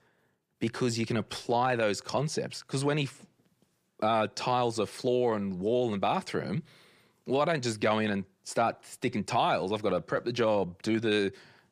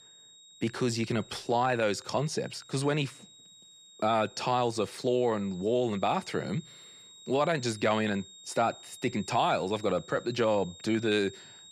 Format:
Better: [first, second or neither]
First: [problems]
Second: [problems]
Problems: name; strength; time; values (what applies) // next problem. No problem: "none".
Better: first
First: none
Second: high-pitched whine; noticeable; throughout; 4 kHz, 20 dB below the speech